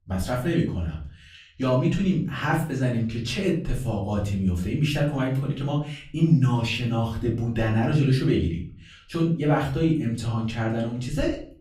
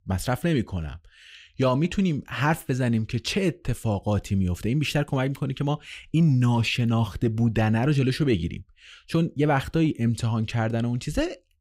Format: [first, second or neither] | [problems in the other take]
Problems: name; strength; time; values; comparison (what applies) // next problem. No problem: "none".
second | off-mic speech; far // room echo; slight; dies away in 0.4 s